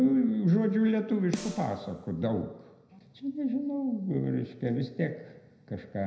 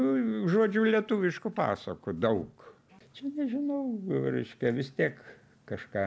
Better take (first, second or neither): second